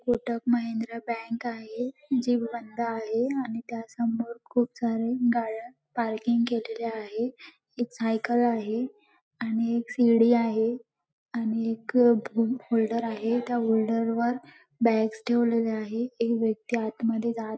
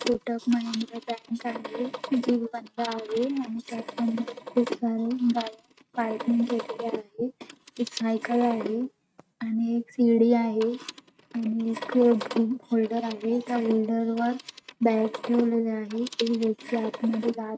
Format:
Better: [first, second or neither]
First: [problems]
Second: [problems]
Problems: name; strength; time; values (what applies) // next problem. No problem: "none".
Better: first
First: none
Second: noise reduction (neural mask model RNNoise)